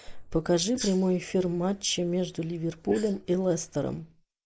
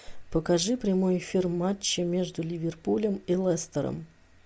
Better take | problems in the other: second | noise reduction (neural mask model Resemble Enhance denoiser)

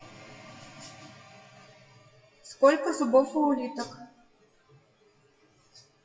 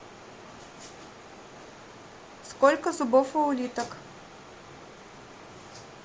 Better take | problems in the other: second | noise reduction (classical method WPE with log-MMSE)

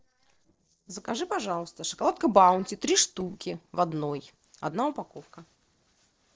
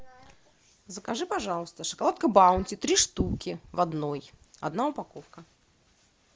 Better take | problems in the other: second | noise reduction (neural separator model SepFormer DNS4)

